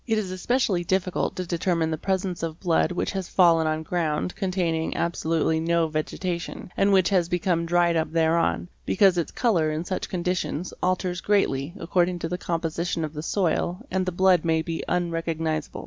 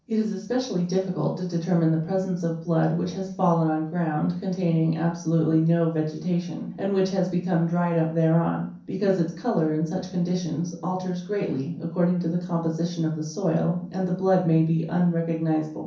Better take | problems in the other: first | room echo; dies away in 0.6 s

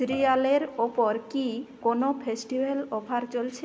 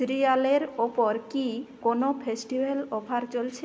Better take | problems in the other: second | background sound (Bowed string instrument); 18 dB below the speech

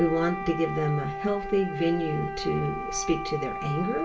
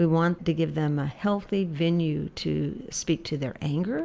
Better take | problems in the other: second | background sound (Wind instrument, woodwind instrument); 6 dB below the speech // room echo; dies away in 0.2 s

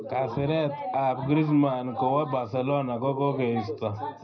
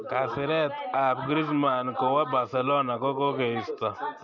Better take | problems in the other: second | room echo; dies away in 0.4 s

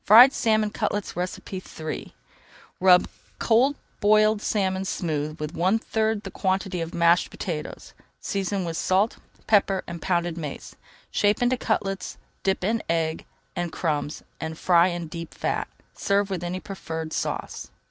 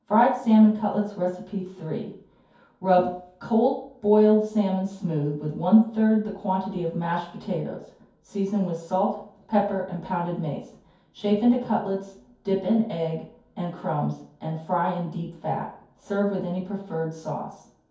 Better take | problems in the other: first | room echo; dies away in 0.6 s

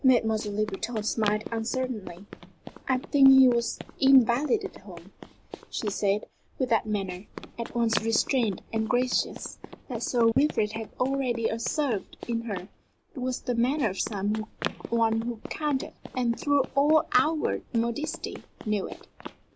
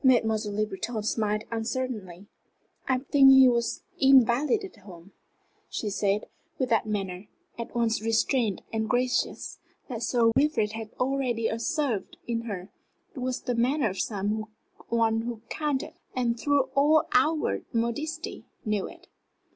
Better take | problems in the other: second | background sound (Run); 14 dB below the speech

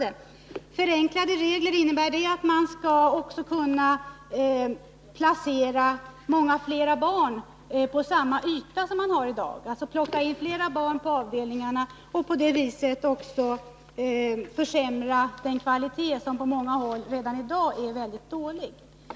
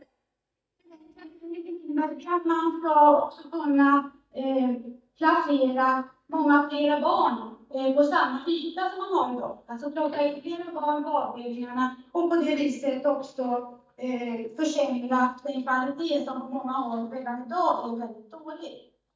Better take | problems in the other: first | noise reduction (neural mask model DeepFilterNet 3)

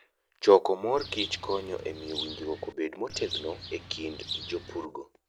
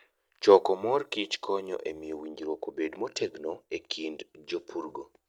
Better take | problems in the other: second | background sound (Bird); 10 dB below the speech

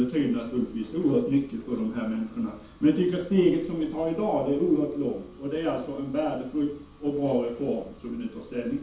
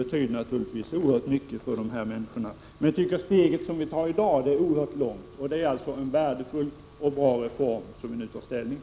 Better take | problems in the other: second | room echo; dies away in 0.4 s

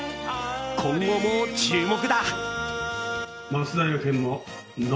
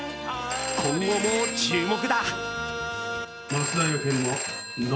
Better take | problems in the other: first | background sound (Telephone); 6 dB below the speech

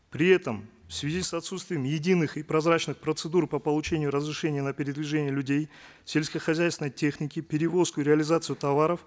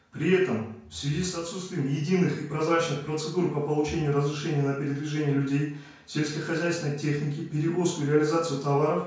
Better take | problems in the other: first | room echo; dies away in 0.5 s

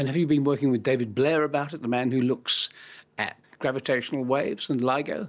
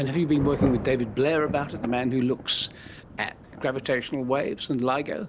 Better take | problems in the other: first | background sound (Thunder / Rain); 10 dB below the speech

